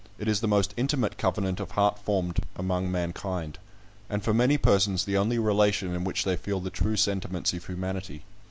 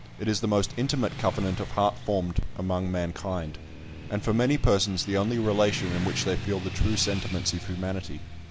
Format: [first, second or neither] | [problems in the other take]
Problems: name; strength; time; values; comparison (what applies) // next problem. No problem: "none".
first | background sound (Motorcycle / Traffic noise, roadway noise); 11 dB below the speech